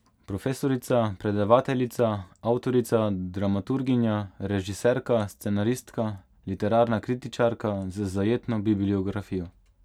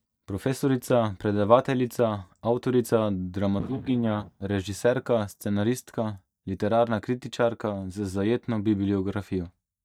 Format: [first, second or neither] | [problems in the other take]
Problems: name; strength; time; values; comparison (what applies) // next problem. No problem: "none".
first | noise reduction (neural mask model DeepFilterNet 3)